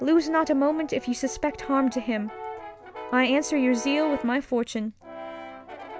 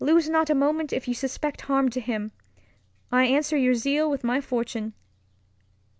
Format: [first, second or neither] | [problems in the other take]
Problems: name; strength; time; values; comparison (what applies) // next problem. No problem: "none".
second | background sound (Brass instrument); 13 dB below the speech